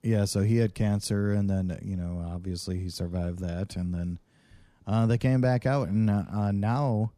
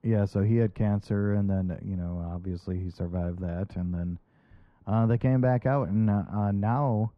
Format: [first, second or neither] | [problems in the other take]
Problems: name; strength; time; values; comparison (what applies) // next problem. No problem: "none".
first | muffled; very; fading above 3.5 kHz